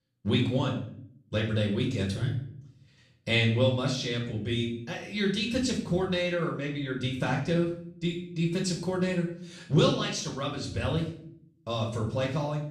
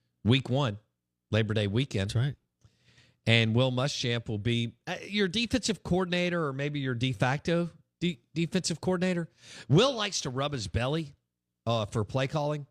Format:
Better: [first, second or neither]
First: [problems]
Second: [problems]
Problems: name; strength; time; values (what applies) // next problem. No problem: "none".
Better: second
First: off-mic speech; far // room echo; noticeable; dies away in 0.5 s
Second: none